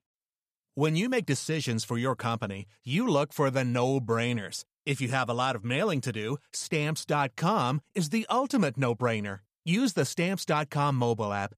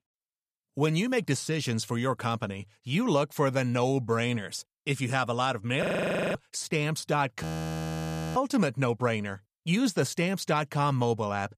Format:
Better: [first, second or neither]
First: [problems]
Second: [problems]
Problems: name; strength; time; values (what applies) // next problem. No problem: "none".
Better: first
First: none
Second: audio freezing; at 6 s for 0.5 s and at 7.5 s for 1 s